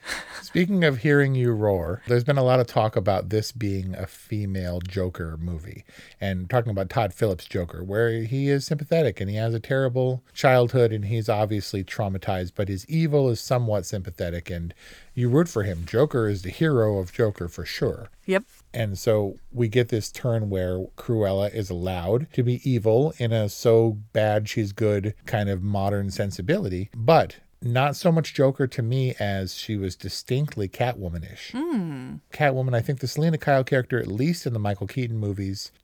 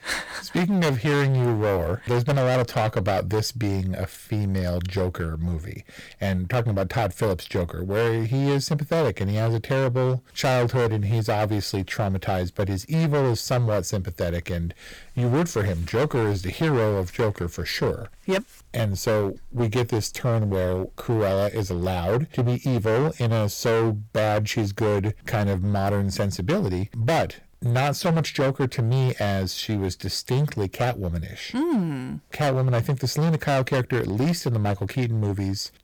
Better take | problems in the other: first | distortion; heavy; 17% of the sound clipped

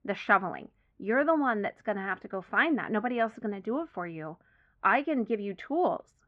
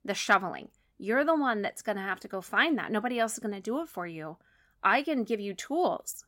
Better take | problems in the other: second | muffled; very; fading above 2.5 kHz

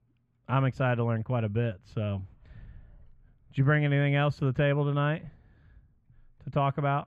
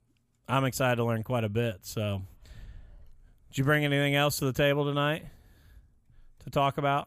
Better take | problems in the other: second | muffled; very; fading above 2 kHz

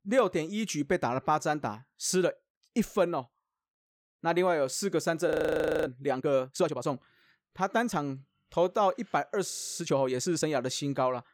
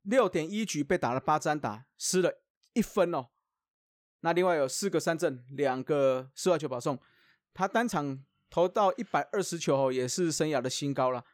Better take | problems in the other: second | audio freezing; at 5.5 s for 0.5 s and at 9.5 s

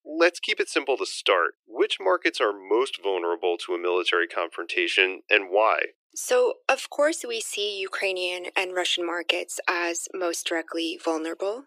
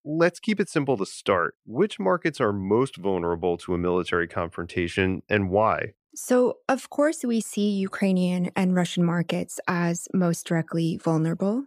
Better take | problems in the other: second | thin; very; fading below 350 Hz

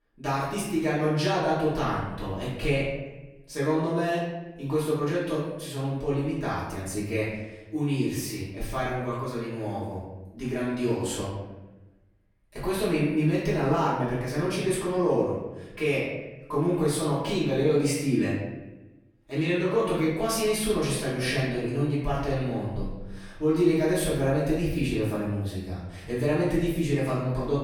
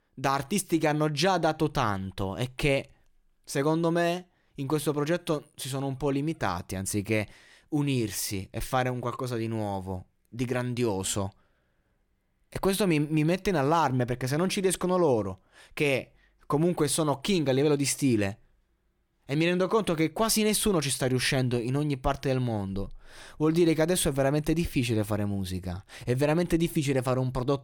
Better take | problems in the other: second | room echo; noticeable; dies away in 1 s // off-mic speech; far

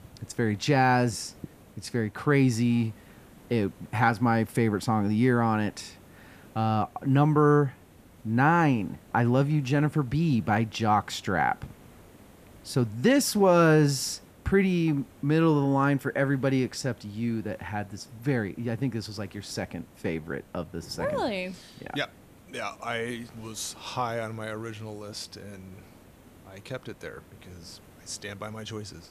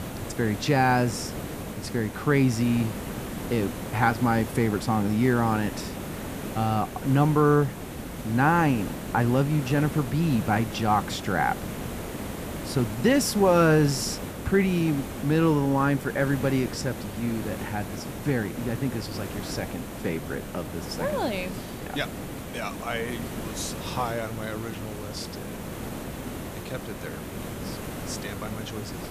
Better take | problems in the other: first | hiss; loud; throughout; 9 dB below the speech; faint in the first

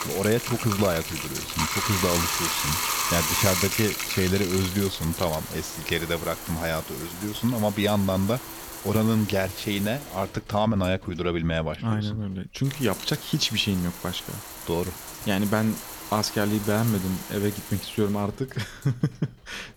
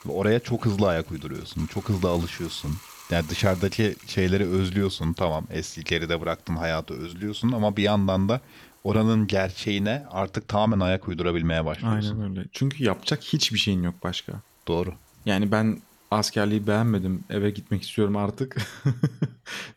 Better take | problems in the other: second | household noises; loud; throughout; 3 dB below the speech; faint in the second

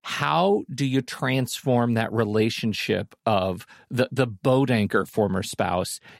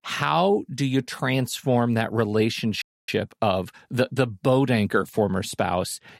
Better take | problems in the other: first | audio freezing; at 3 s

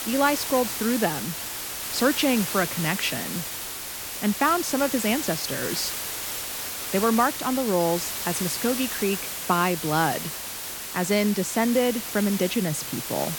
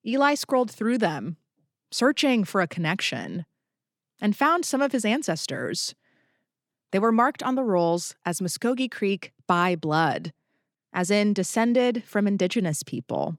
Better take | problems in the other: second | hiss; loud; throughout; 4 dB below the speech

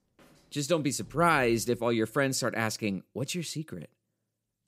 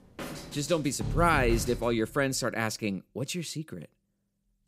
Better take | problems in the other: first | background music; loud; throughout; 8 dB below the speech; faint in the first

